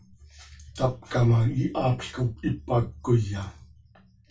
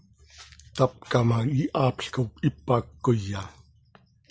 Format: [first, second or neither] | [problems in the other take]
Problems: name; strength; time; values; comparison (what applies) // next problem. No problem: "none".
second | room echo; dies away in 0.2 s